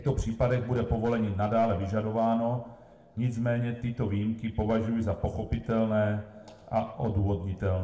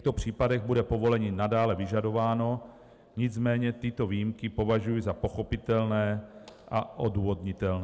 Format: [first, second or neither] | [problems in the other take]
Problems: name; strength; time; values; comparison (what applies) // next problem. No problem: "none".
second | room echo; dies away in 0.5 s